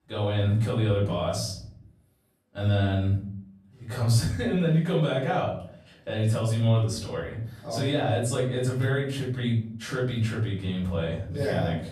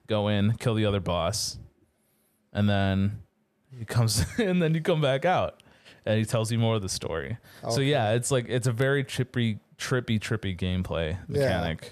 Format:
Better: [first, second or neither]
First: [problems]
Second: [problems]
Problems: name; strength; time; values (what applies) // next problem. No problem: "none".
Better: second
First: room echo; noticeable; dies away in 0.6 s // off-mic speech; far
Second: none